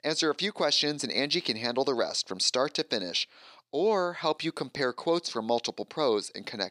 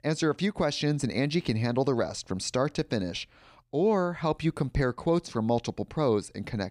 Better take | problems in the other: second | thin; somewhat; fading below 350 Hz

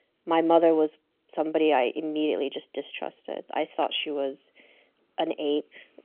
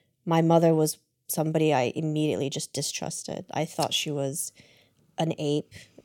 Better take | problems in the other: second | phone-call audio; nothing above 3.5 kHz

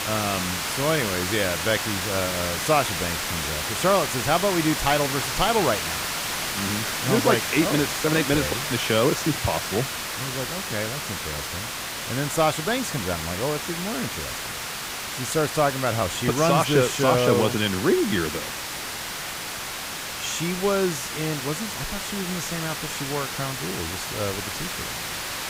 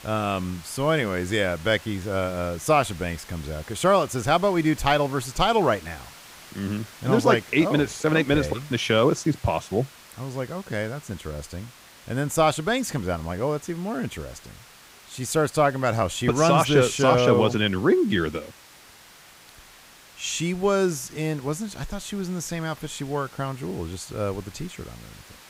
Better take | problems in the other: second | hiss; loud; throughout; 3 dB below the speech; faint in the second

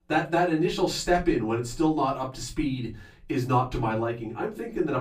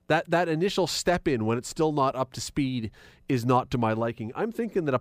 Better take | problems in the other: second | off-mic speech; far // room echo; very slight; dies away in 0.2 s

